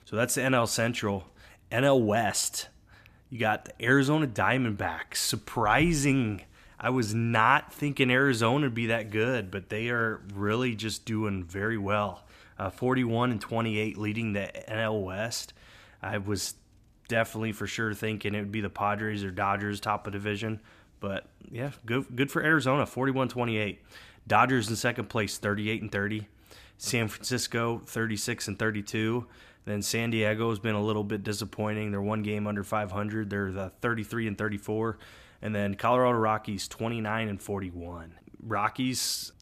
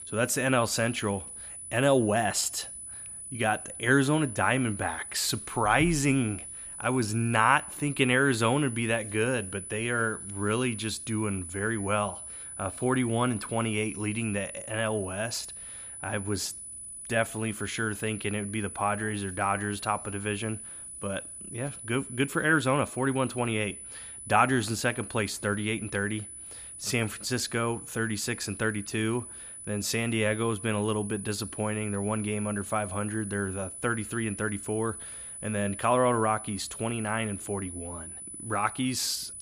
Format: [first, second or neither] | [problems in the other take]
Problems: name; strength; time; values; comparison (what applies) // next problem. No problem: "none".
first | high-pitched whine; loud; throughout; 10 kHz, 10 dB below the speech